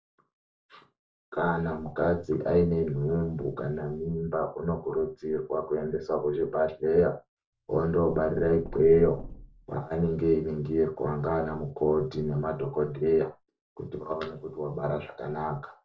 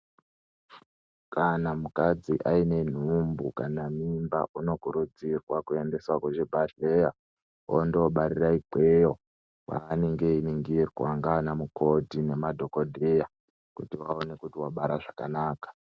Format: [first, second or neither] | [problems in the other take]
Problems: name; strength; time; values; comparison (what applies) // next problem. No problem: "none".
second | background sound (Knock); 15 dB below the speech // room echo; dies away in 0.2 s